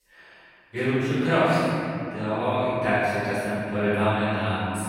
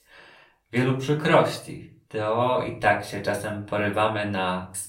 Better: second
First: room echo; strong; dies away in 2.7 s // off-mic speech; far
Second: room echo; slight; dies away in 0.3 s // off-mic speech; far

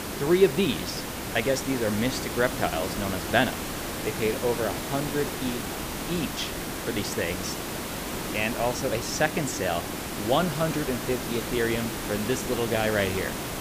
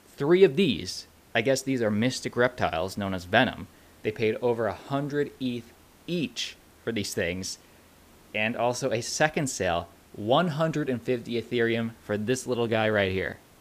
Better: second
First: hiss; loud; throughout; 4 dB below the speech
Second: hiss; faint; throughout; 30 dB below the speech

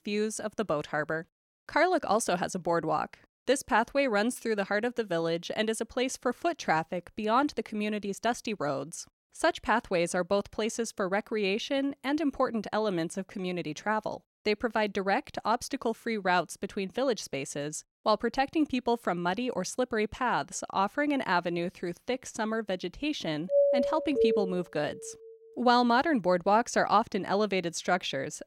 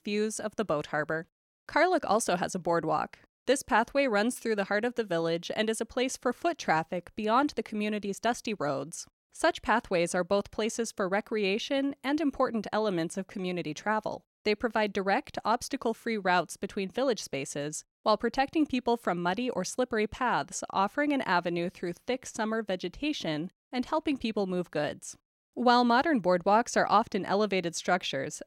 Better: second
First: doorbell; loud; from 24 to 25 s; peak 5 dB above the speech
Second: none

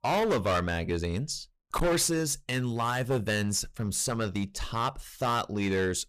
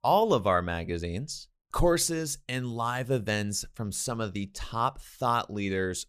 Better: second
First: distortion; heavy; 11% of the sound clipped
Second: none

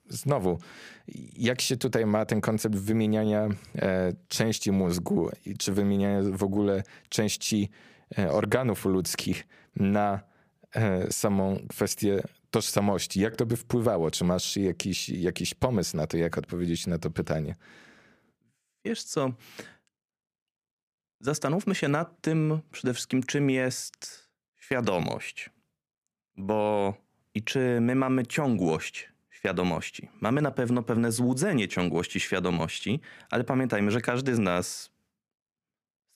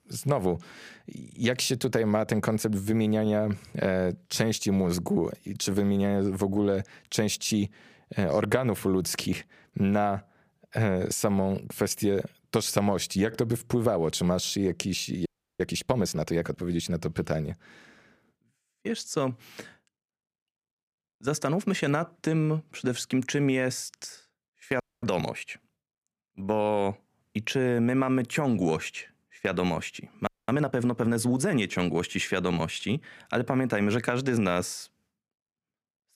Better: first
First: none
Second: audio freezing; at 15 s, at 25 s and at 30 s

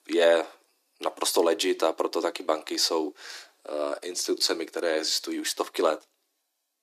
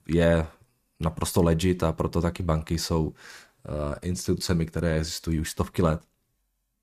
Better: second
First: thin; very; fading below 300 Hz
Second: none

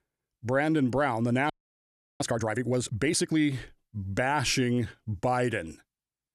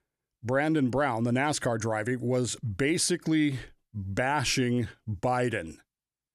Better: second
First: audio freezing; at 1.5 s for 0.5 s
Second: none

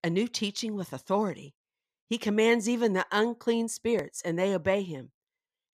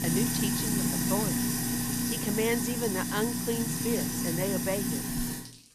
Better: first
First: none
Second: household noises; very loud; throughout; 4 dB above the speech

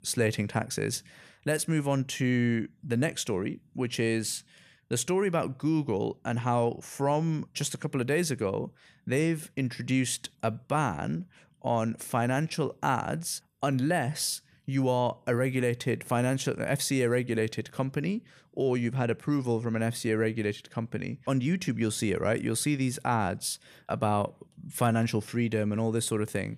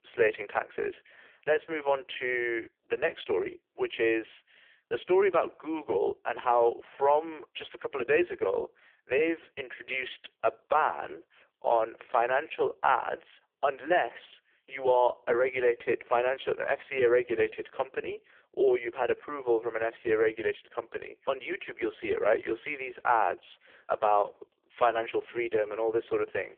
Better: first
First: none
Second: phone-call audio; poor line; nothing above 3.5 kHz

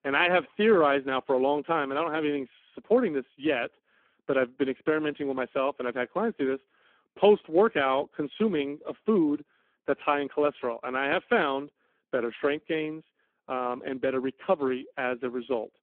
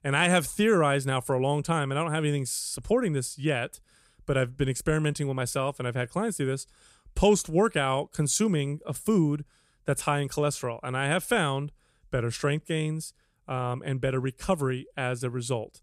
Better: second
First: phone-call audio; poor line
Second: none

